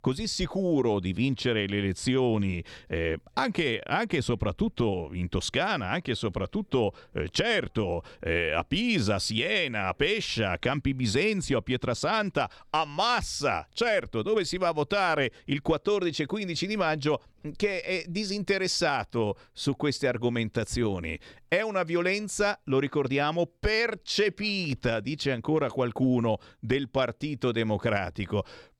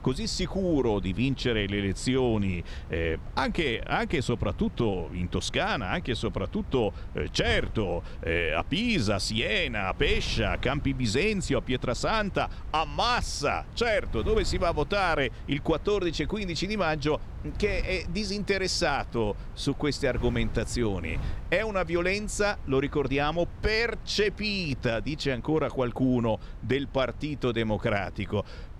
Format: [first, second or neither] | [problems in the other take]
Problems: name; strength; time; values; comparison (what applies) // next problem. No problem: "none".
first | wind noise on the microphone; occasional gusts; 20 dB below the speech